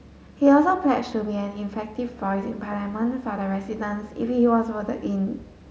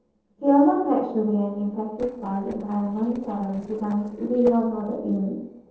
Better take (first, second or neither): first